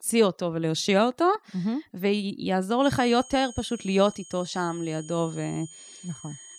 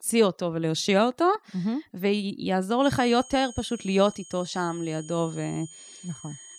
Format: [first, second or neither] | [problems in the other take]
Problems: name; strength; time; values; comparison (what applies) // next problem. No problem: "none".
neither | high-pitched whine; noticeable; from 3 s on; 6.5 kHz, 20 dB below the speech; the same in both